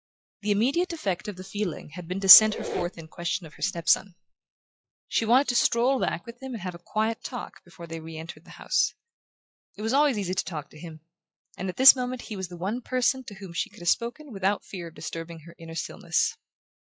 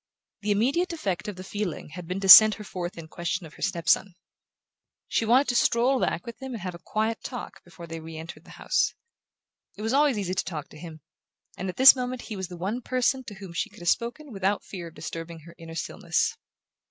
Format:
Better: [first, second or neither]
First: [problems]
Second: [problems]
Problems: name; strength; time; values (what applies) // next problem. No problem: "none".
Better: second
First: noise reduction (classical method log-MMSE)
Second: none